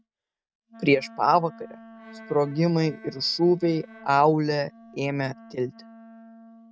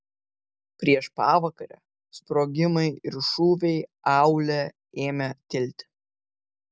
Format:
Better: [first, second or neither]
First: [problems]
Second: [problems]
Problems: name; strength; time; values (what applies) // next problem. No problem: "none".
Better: second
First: noise reduction (neural mask model RNNoise)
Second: none